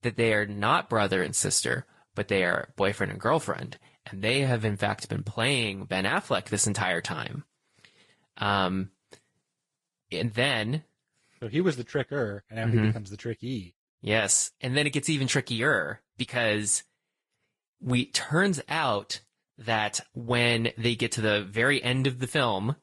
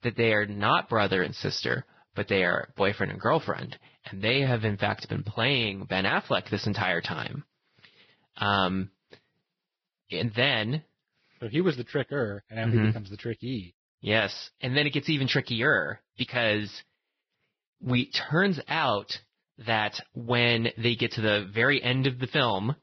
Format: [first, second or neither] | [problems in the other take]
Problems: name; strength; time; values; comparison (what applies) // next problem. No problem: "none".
first | garbled, watery; badly; nothing above 5.5 kHz; slightly in the first